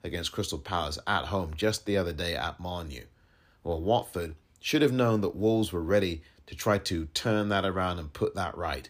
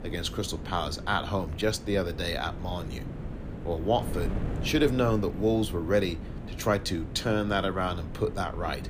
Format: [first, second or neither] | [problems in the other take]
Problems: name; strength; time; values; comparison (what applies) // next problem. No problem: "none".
first | wind noise on the microphone; occasional gusts; 15 dB below the speech